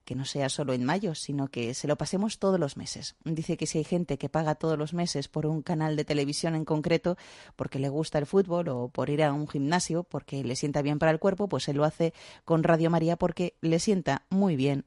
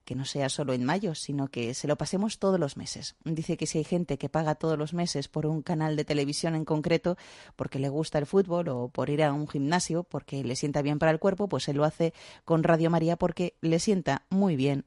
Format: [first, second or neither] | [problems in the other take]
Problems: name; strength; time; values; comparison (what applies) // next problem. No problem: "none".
neither | garbled, watery; slightly; nothing above 10.5 kHz; the same in both